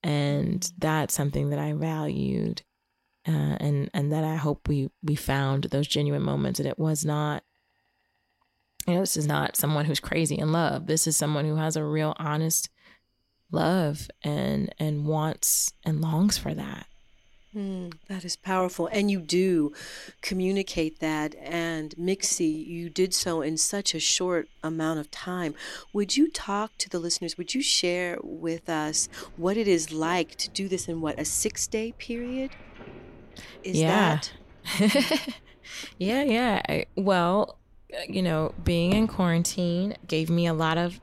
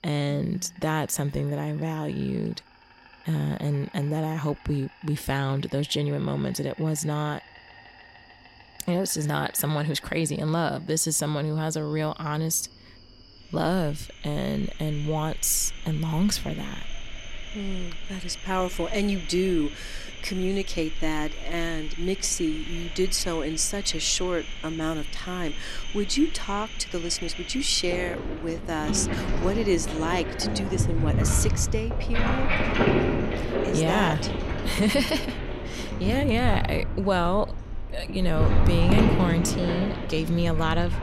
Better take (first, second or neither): first